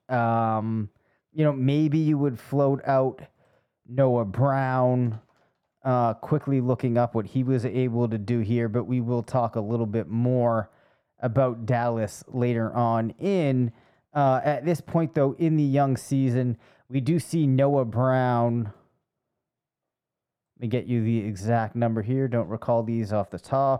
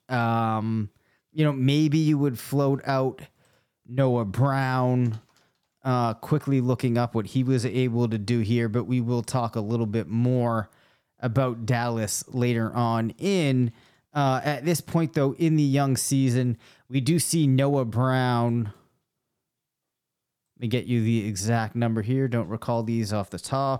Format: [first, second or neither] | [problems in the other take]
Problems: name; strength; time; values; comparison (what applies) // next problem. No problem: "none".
second | muffled; very; fading above 3 kHz